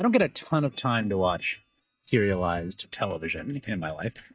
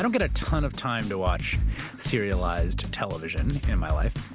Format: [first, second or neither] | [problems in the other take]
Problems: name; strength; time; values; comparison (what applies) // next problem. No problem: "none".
second | noise reduction (neural mask model DeepFilterNet 3)